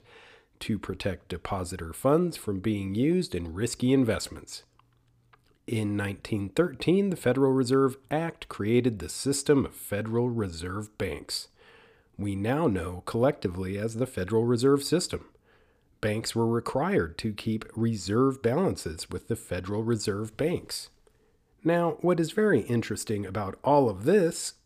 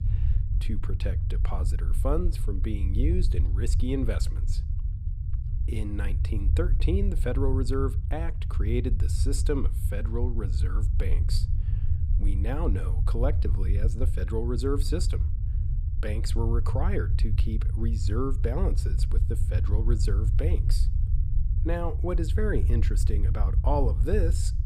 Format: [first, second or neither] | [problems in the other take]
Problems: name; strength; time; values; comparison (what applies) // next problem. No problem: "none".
first | low rumble; loud; throughout; 10 dB below the speech